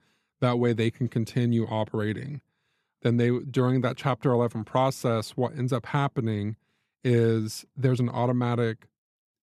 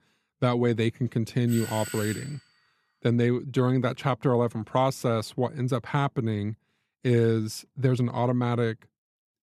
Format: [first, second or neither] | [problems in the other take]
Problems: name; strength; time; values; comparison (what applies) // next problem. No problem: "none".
first | doorbell; noticeable; at 1.5 s; peak 9 dB below the speech